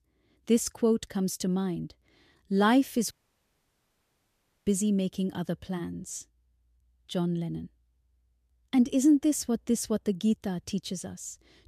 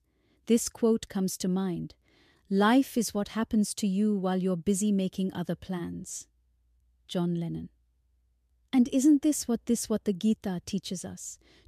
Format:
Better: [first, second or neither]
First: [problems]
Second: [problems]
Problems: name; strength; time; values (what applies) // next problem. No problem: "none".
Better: second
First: audio cutting out; at 3 s for 1.5 s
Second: none